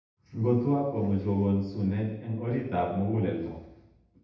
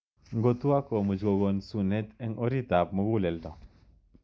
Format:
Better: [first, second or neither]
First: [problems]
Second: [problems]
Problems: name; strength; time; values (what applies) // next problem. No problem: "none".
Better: second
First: room echo; dies away in 0.8 s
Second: none